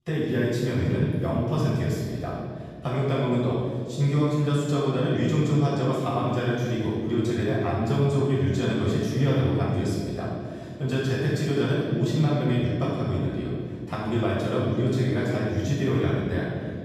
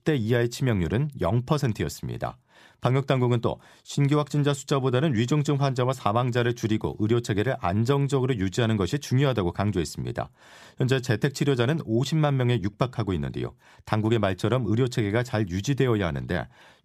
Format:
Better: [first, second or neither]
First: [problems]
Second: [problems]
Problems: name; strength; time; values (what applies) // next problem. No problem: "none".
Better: second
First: room echo; strong; dies away in 2.2 s // off-mic speech; far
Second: none